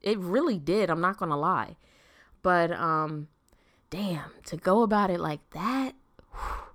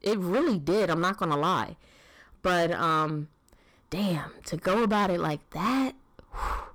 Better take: first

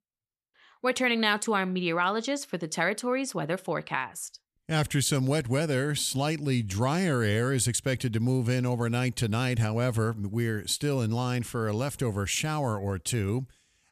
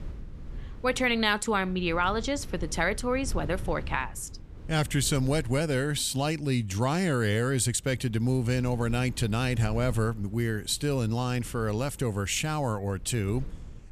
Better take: first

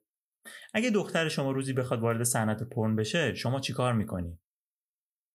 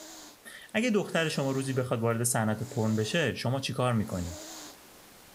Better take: first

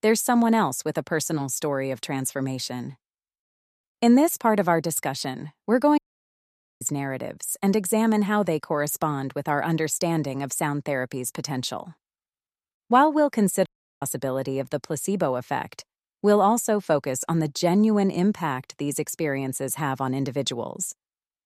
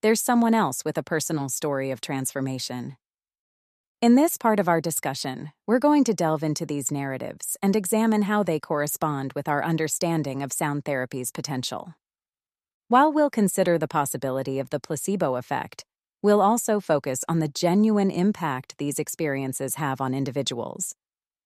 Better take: second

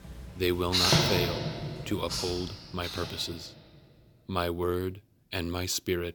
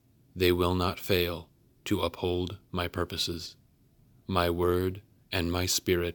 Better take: second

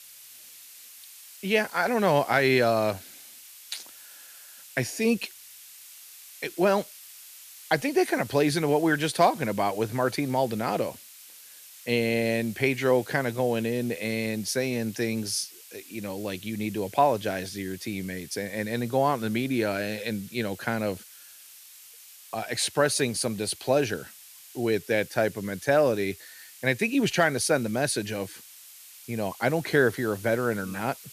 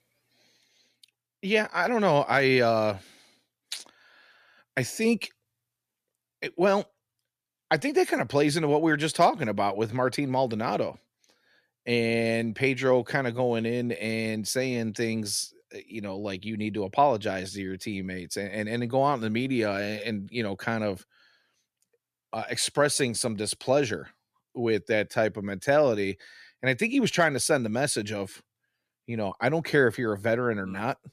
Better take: second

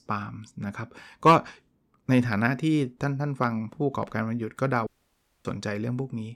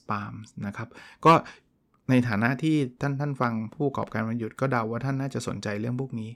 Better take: second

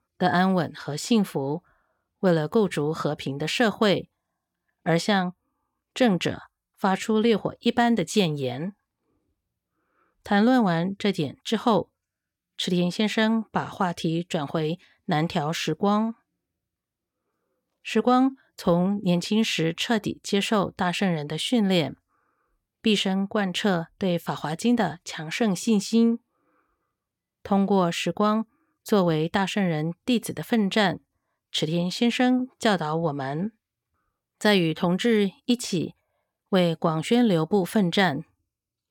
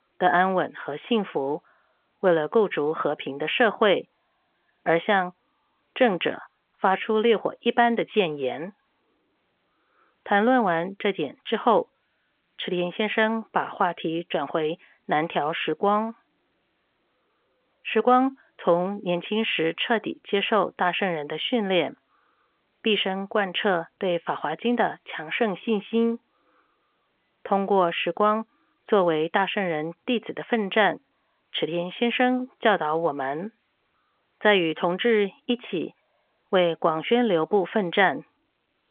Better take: first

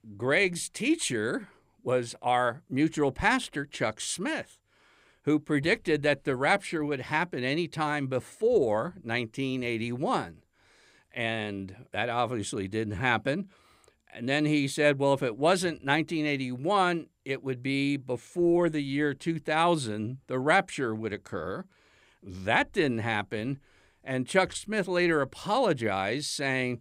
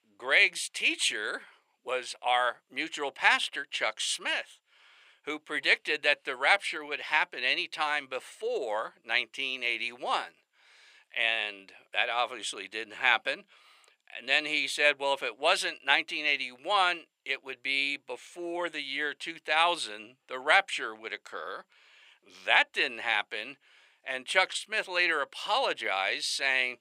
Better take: first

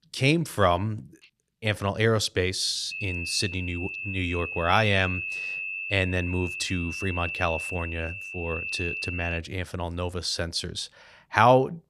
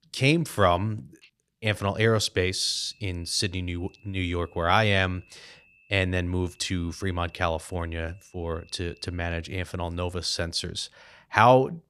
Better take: second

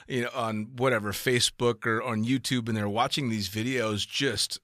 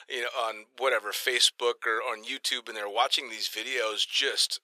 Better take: first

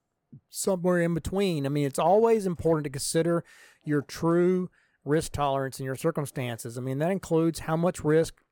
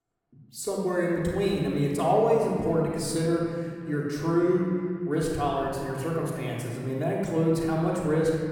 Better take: first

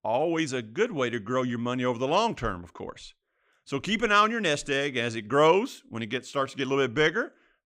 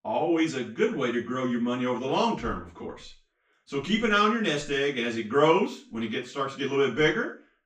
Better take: first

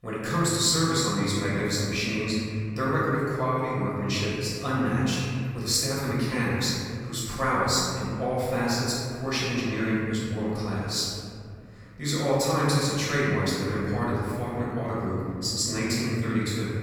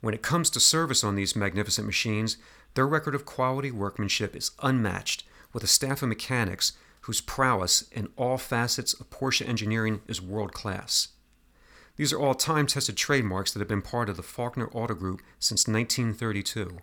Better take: second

